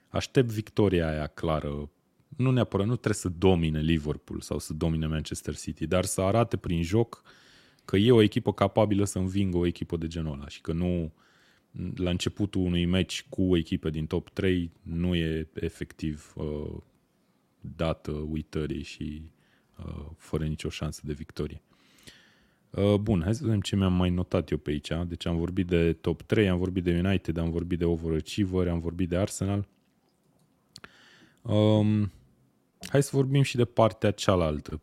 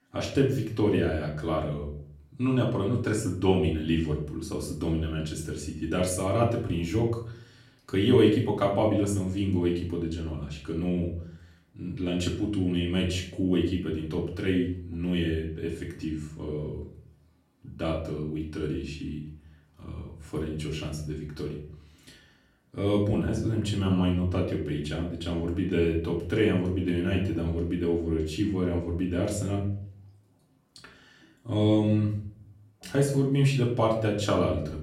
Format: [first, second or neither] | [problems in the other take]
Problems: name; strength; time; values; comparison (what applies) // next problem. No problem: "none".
first | off-mic speech; far // room echo; slight; dies away in 0.5 s